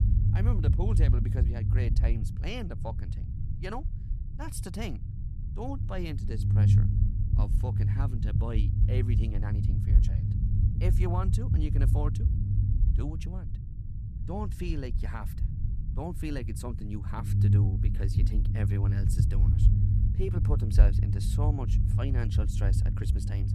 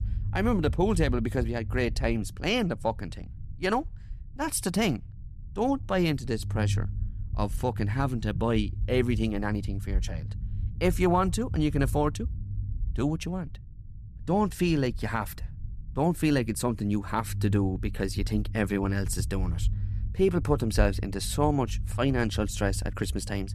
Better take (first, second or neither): second